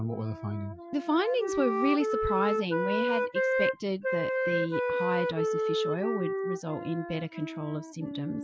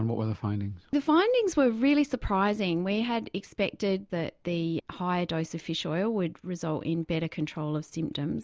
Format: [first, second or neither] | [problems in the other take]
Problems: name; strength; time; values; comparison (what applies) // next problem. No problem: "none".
second | noise reduction (classical method Wiener filter)